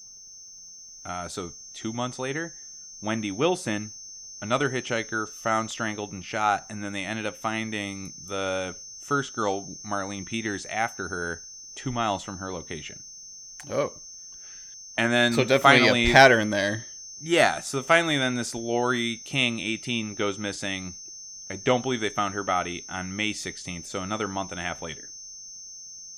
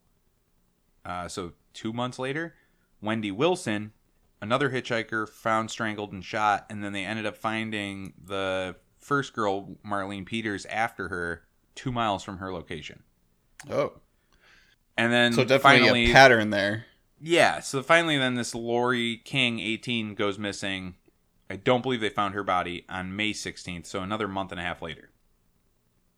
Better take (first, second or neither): second